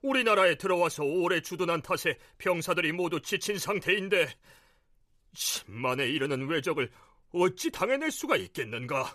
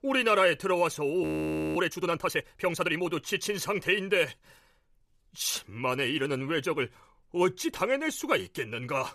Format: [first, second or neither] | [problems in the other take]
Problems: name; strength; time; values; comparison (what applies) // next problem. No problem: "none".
first | audio freezing; at 1 s for 0.5 s